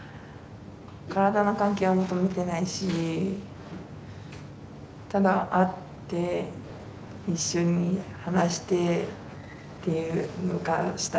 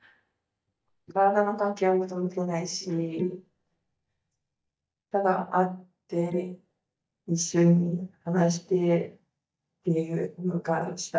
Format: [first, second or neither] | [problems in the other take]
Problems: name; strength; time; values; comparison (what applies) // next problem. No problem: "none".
first | noise reduction (neural mask model DeepFilterNet 3)